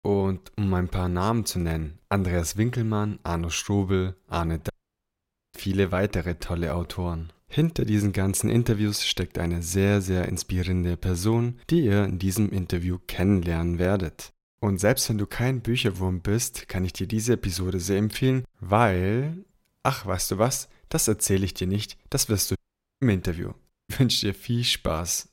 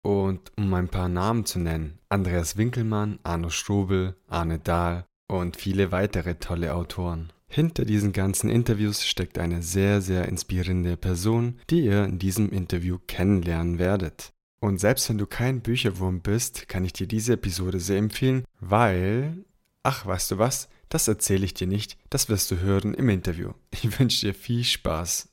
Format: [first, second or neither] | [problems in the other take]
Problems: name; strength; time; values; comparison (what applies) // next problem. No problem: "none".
second | audio cutting out; at 4.5 s for 1 s, at 23 s and at 24 s